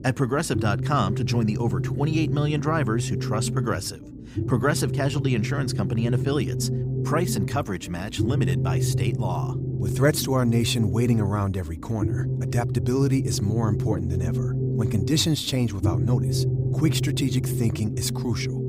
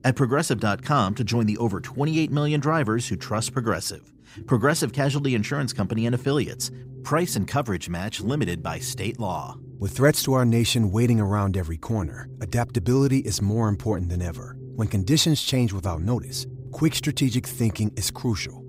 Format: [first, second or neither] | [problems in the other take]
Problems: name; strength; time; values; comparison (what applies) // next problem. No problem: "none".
second | low rumble; loud; throughout; 7 dB below the speech; faint in the second